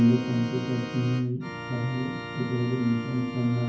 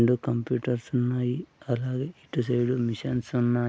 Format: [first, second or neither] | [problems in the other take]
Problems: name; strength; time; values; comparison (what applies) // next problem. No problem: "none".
second | background sound (Organ); 10 dB below the speech // room echo; dies away in 0.9 s